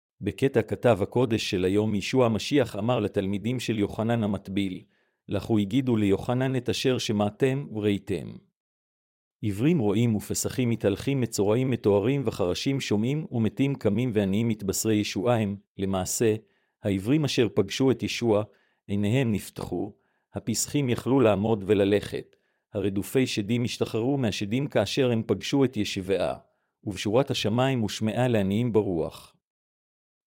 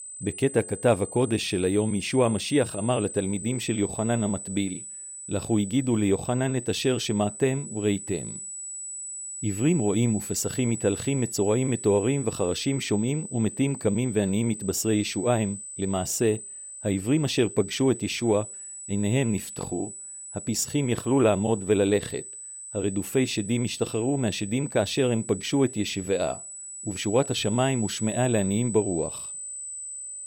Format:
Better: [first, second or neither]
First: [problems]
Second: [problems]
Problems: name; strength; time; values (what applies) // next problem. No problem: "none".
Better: first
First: none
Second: high-pitched whine; loud; throughout; 8 kHz, 10 dB below the speech